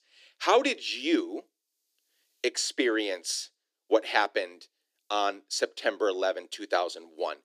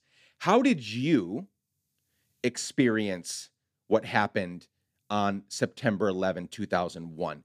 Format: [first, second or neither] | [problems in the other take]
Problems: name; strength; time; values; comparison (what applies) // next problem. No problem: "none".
second | thin; somewhat; fading below 300 Hz